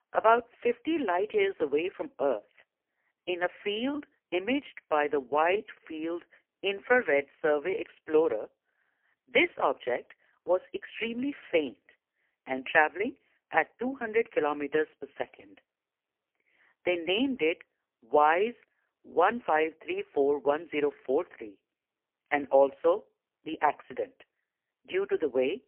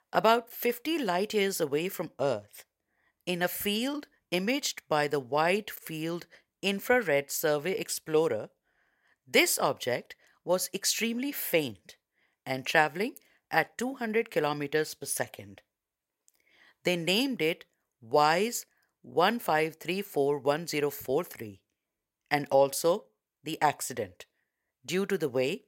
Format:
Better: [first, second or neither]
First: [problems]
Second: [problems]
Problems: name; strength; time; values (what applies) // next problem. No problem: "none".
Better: second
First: phone-call audio; poor line; nothing above 3 kHz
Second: none